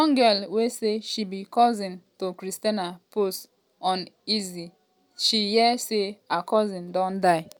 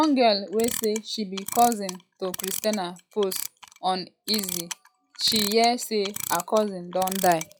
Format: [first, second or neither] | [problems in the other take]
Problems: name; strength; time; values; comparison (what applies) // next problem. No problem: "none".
first | noise reduction (classical method log-MMSE)